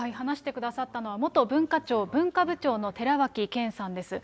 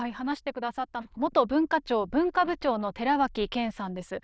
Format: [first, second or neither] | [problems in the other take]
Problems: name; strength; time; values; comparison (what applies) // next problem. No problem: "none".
first | noise reduction (neural diffusion model UNIVERSE++)